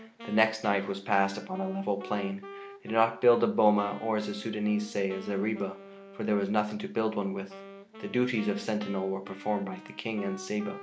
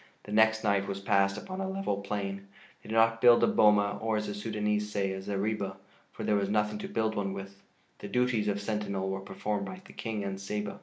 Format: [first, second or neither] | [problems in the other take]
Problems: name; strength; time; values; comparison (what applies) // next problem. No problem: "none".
second | background sound (Wind instrument, woodwind instrument); 17 dB below the speech